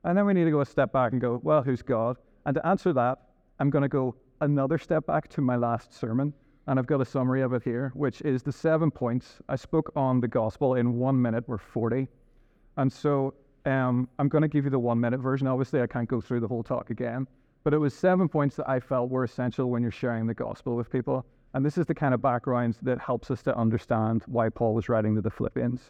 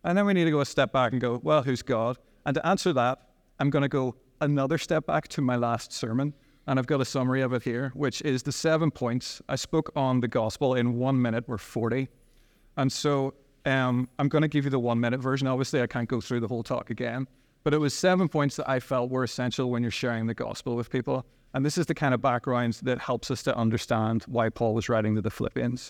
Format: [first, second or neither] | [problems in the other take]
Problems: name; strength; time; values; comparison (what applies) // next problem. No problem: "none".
second | muffled; very; fading above 2.5 kHz